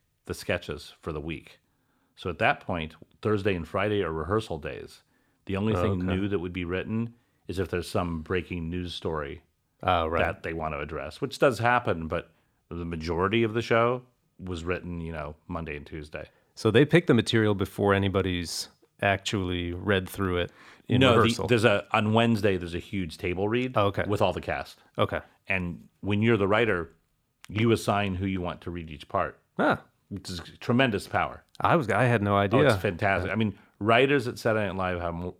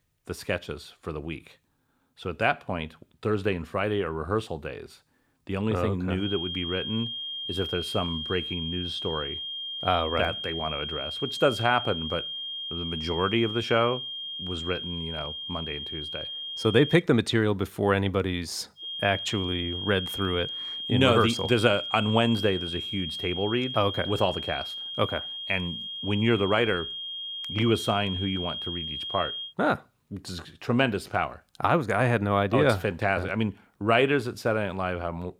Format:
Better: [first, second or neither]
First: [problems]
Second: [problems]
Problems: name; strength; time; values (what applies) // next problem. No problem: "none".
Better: first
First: none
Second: high-pitched whine; loud; from 6 to 17 s and from 19 to 29 s; 3 kHz, 5 dB below the speech